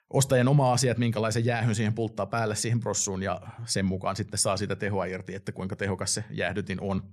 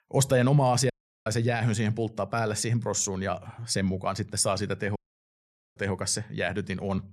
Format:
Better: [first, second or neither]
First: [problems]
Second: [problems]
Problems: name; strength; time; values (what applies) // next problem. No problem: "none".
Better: first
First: none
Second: audio cutting out; at 1 s and at 5 s for 1 s